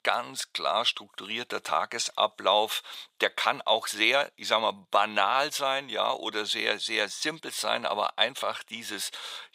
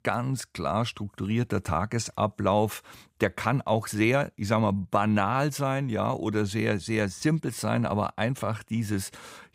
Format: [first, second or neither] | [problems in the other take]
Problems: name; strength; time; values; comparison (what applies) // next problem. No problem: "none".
second | thin; very; fading below 650 Hz